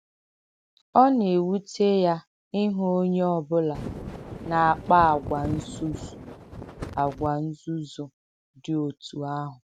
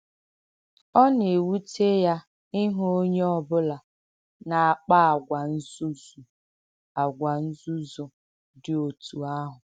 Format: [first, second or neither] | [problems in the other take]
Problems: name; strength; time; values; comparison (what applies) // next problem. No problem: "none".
second | background sound (Wind); 10 dB below the speech